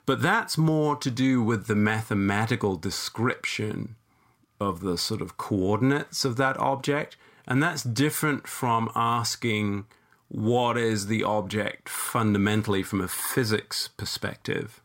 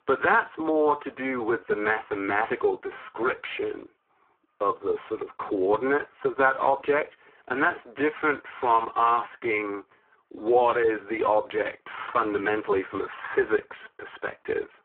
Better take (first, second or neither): first